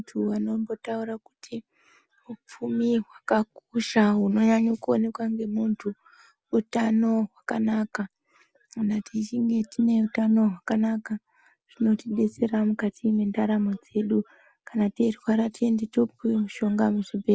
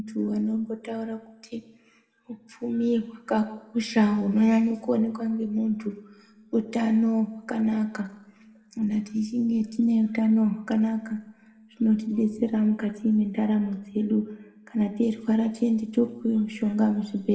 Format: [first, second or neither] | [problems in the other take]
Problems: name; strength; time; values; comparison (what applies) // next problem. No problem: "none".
first | room echo; dies away in 0.8 s